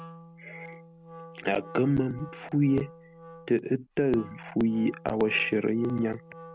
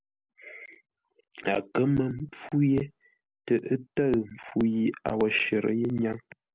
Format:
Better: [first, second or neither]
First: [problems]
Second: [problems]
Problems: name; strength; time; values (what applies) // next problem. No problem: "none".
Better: second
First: background sound (Wind instrument, woodwind instrument); 18 dB below the speech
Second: none